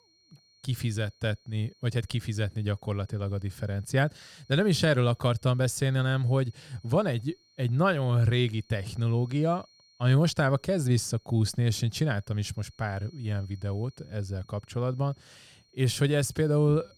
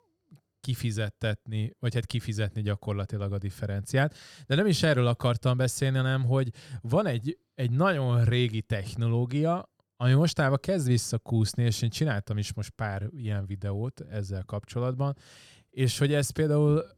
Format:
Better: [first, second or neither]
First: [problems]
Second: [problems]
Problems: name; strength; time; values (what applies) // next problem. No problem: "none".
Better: second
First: high-pitched whine; faint; throughout; 4.5 kHz, 35 dB below the speech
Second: none